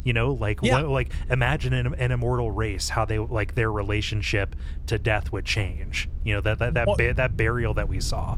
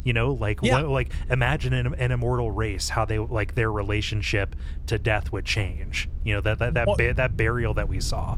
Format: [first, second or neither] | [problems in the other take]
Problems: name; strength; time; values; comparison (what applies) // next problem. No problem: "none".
neither | low rumble; faint; throughout; 25 dB below the speech; the same in both